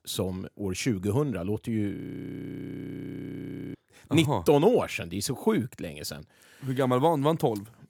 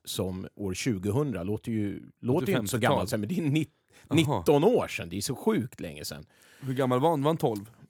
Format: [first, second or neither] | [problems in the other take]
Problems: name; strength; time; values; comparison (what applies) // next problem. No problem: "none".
second | audio freezing; at 2 s for 2 s